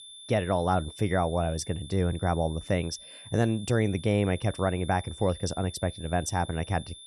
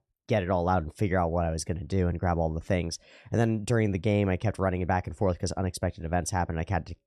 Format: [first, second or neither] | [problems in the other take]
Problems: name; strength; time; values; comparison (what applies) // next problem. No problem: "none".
second | high-pitched whine; noticeable; throughout; 3.5 kHz, 15 dB below the speech